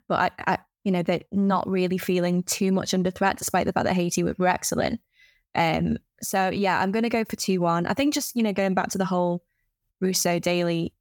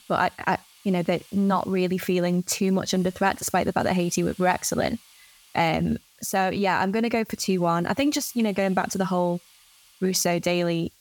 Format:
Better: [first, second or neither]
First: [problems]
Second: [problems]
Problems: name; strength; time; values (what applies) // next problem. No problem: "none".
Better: first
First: none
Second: hiss; faint; throughout; 25 dB below the speech